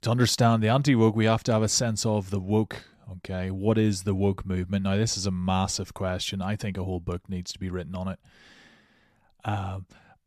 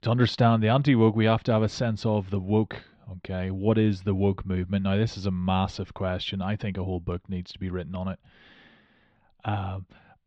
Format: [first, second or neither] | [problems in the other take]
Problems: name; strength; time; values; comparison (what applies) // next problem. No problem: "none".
first | muffled; slightly; fading above 3.5 kHz